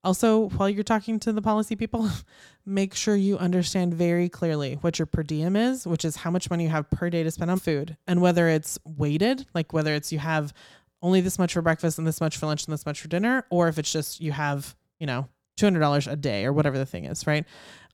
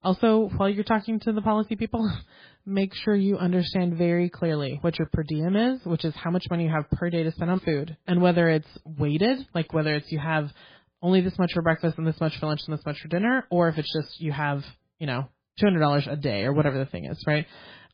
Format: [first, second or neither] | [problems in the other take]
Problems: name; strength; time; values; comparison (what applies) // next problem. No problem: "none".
first | garbled, watery; badly; nothing above 4.5 kHz